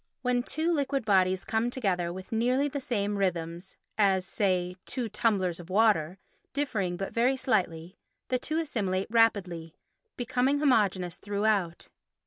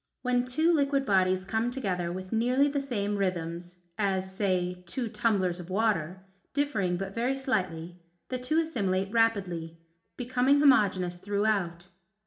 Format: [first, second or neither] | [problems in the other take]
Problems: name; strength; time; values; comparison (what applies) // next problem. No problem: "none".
first | room echo; dies away in 0.4 s